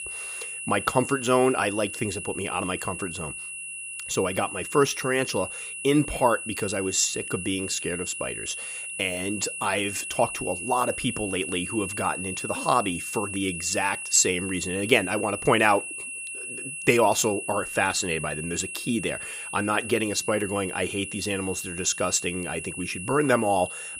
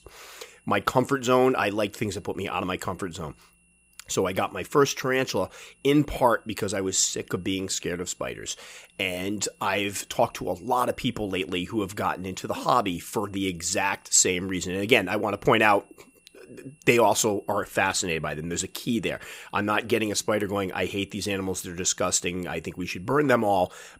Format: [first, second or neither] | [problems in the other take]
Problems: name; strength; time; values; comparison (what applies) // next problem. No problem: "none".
second | high-pitched whine; loud; throughout; 2.5 kHz, 7 dB below the speech; faint in the second